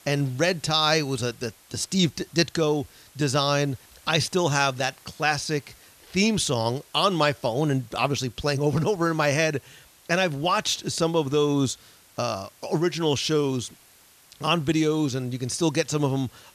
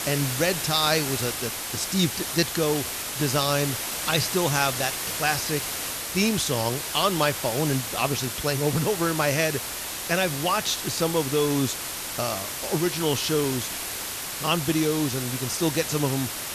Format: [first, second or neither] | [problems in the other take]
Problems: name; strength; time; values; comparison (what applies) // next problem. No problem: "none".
first | hiss; loud; throughout; 3 dB below the speech; faint in the first